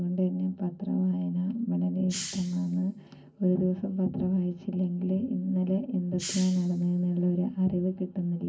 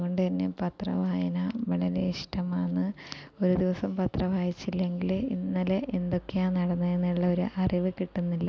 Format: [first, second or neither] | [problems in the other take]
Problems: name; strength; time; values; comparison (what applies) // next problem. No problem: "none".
second | background sound (Hiss); 15 dB below the speech // room echo; dies away in 0.3 s